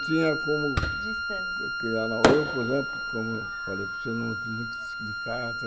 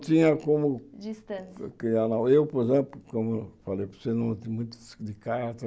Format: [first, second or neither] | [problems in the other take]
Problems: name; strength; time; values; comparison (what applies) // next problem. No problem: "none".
second | background sound (Fireworks + Wind instrument, woodwind instrument); 1 dB above the speech